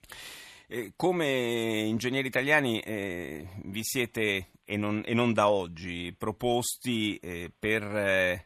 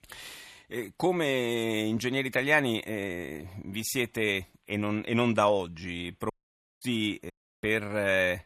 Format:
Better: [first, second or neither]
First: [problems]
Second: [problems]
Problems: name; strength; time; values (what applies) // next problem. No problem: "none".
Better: first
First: none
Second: audio cutting out; at 6.5 s for 0.5 s and at 7.5 s